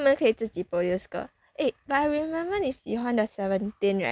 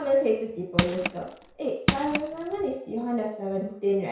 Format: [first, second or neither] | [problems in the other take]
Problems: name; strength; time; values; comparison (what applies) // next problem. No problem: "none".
first | background sound (Crushing); 2 dB below the speech // room echo; dies away in 0.6 s